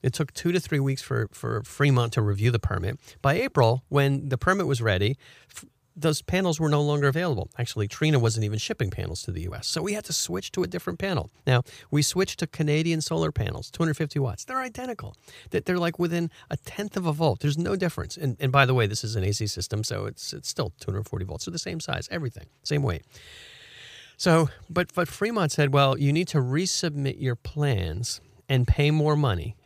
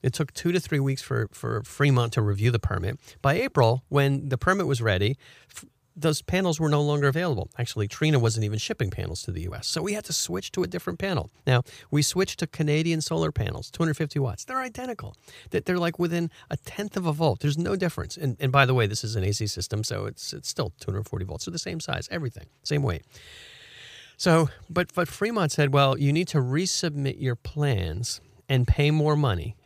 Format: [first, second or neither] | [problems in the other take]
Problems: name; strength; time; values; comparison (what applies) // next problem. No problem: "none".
neither | none